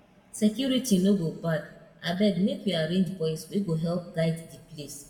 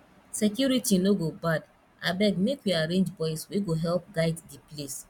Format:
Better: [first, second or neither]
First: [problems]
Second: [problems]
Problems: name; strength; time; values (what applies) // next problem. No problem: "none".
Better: second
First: room echo; dies away in 0.8 s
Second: none